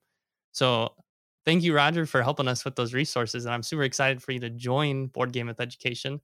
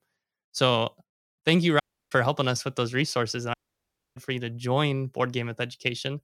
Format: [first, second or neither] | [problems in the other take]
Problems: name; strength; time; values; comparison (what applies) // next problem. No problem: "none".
first | audio cutting out; at 2 s and at 3.5 s for 0.5 s